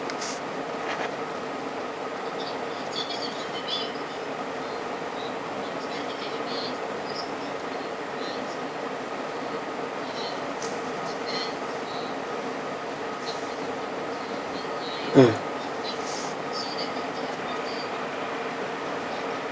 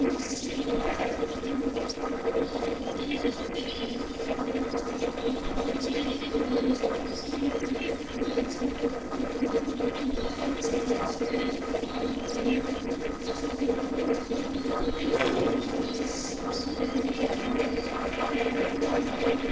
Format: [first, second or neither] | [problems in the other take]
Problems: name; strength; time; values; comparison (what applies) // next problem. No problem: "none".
first | noise reduction (neural separator model SepFormer DNS4)